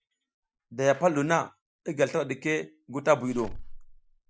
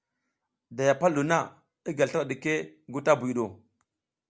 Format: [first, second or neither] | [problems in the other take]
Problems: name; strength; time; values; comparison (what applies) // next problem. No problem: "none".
second | noise reduction (classical method Wiener filter)